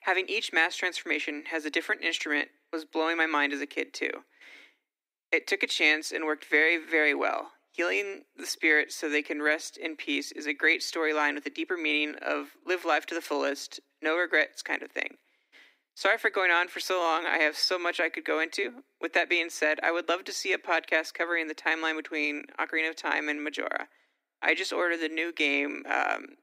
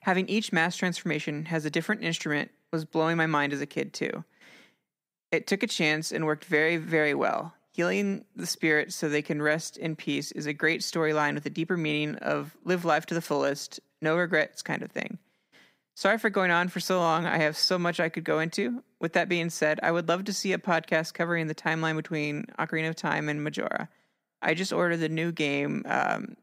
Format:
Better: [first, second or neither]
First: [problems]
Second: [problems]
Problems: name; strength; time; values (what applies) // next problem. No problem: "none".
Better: second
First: thin; somewhat; fading below 300 Hz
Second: none